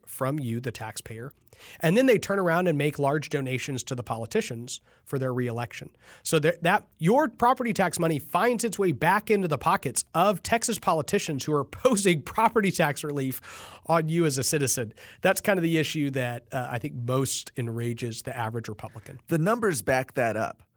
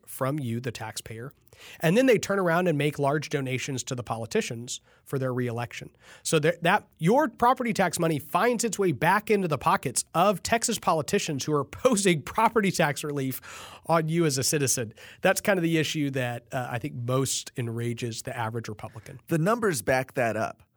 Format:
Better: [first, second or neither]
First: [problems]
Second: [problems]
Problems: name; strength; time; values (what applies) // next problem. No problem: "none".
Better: second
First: garbled, watery; slightly; nothing above 19 kHz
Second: none